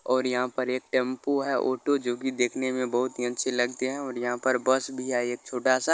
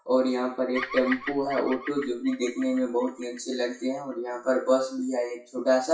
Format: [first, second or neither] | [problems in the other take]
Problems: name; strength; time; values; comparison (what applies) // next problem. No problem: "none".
first | noise reduction (classical method WPE with log-MMSE)